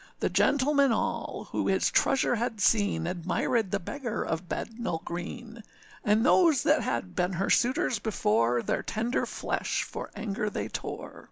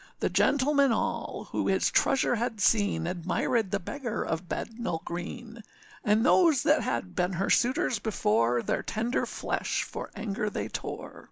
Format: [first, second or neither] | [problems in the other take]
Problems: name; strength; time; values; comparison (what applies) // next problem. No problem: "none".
first | noise reduction (neural mask model Resemble Enhance denoiser)